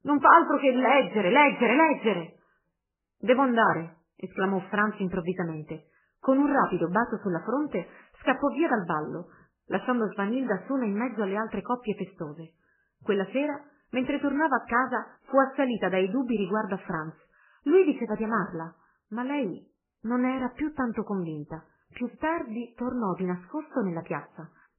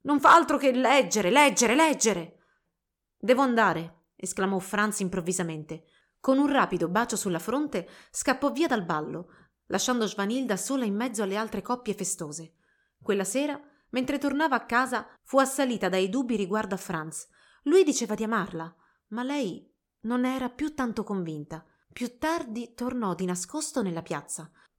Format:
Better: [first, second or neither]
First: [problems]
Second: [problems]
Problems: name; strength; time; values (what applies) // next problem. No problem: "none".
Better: second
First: garbled, watery; badly; nothing above 3 kHz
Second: none